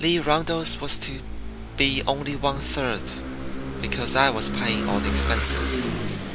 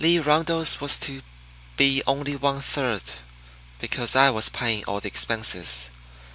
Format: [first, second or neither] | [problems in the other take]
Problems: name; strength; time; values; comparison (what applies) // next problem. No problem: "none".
second | background sound (Engine / Vehicle); 2 dB below the speech